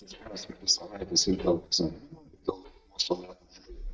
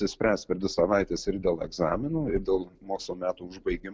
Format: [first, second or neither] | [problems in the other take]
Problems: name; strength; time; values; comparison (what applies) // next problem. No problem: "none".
second | noise reduction (neural mask model DeepFilterNet 3)